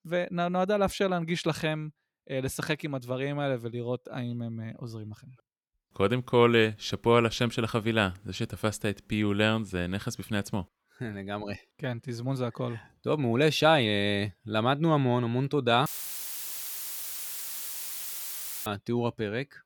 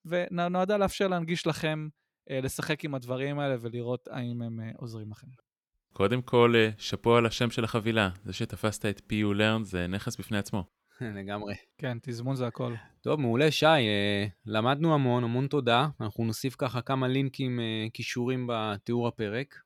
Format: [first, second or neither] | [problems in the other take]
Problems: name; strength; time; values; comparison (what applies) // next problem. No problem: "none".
second | audio cutting out; filled with static; at 16 s for 3 s